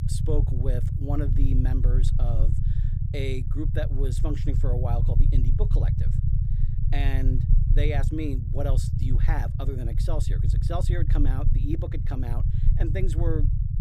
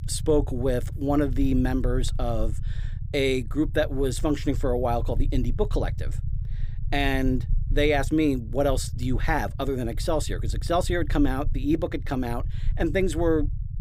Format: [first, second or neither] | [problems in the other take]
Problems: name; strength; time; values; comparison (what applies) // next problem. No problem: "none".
second | low rumble; loud; throughout; 4 dB below the speech; faint in the second